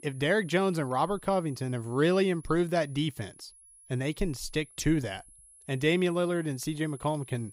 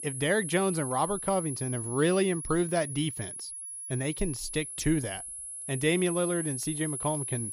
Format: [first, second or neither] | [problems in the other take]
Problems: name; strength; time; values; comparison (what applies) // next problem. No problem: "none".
first | high-pitched whine; loud; throughout; 10.5 kHz, 6 dB below the speech; faint in the first